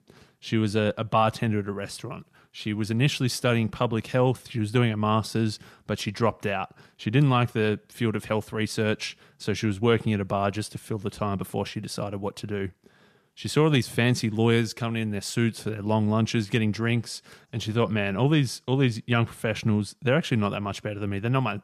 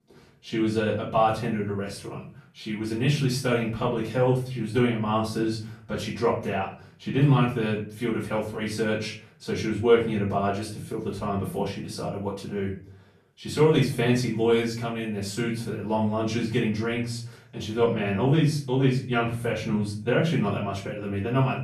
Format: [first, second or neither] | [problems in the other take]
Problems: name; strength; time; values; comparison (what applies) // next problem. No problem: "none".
first | room echo; slight; dies away in 0.4 s // off-mic speech; far